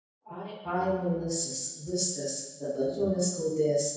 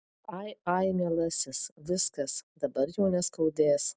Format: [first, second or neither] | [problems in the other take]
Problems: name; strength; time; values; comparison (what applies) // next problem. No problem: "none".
second | room echo; dies away in 1 s